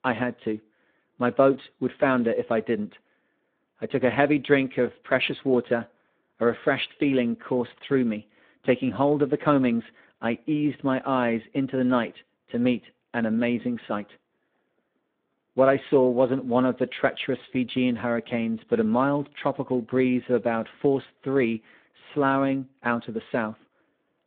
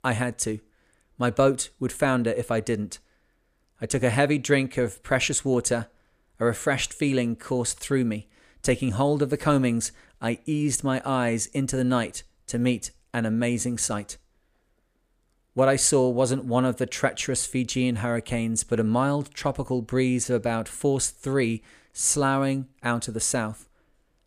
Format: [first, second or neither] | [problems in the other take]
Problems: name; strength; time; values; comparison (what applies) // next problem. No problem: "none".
second | phone-call audio; nothing above 3.5 kHz